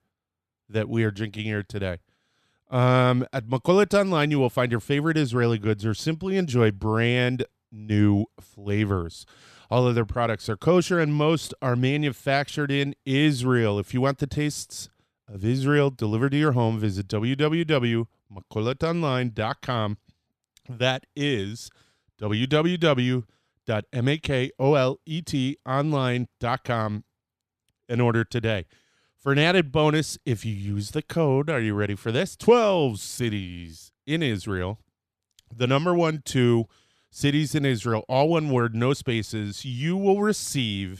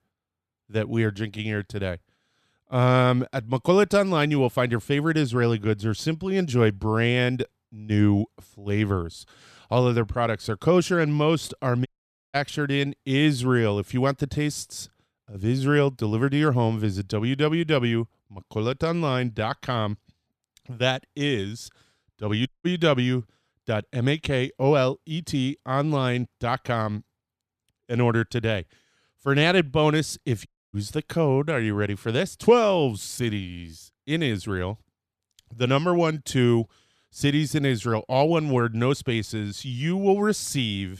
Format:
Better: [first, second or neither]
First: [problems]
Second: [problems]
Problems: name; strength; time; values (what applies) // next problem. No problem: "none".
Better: first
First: none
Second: audio cutting out; at 12 s, at 22 s and at 30 s